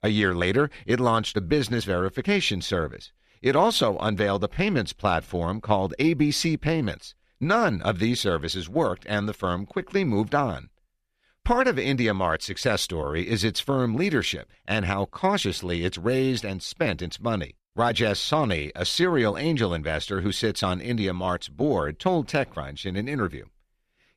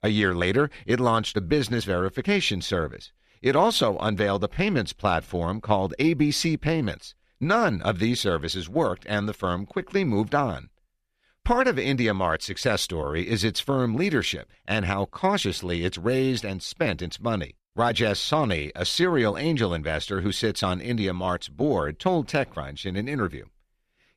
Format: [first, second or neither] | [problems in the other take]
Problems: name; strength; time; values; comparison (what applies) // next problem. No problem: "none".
neither | none